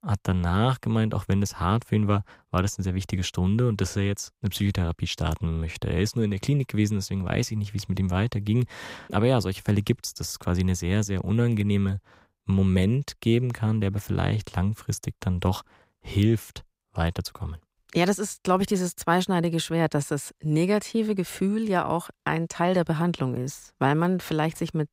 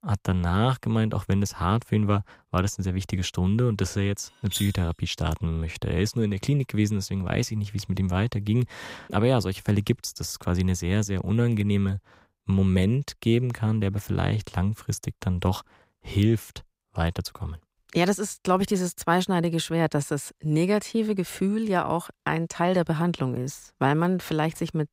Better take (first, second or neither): first